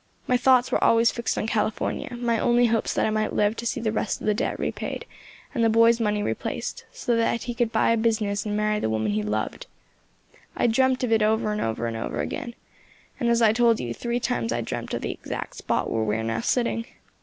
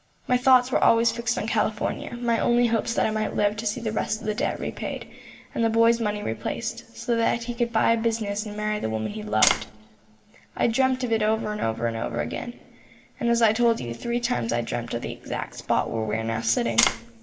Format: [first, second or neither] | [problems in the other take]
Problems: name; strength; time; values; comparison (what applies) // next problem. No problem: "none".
first | background sound (Tap); 1 dB above the speech // room echo; dies away in 1.3 s